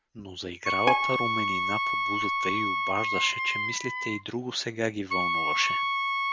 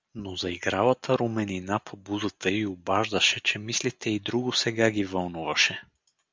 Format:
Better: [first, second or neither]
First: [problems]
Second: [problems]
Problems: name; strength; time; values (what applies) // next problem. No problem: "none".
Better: second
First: background sound (Bowed string instrument + Wind instrument, woodwind instrument); 4 dB above the speech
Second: none